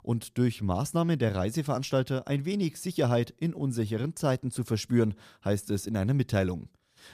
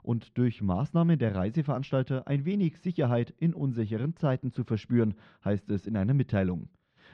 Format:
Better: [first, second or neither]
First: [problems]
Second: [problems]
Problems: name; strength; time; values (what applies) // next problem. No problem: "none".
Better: first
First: none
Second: muffled; very; fading above 3 kHz